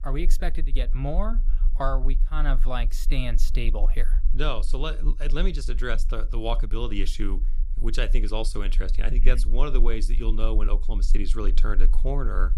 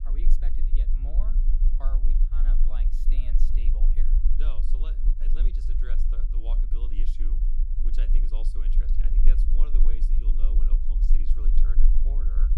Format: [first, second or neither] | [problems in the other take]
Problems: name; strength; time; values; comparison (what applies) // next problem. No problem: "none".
first | low rumble; loud; throughout; 2 dB below the speech; faint in the first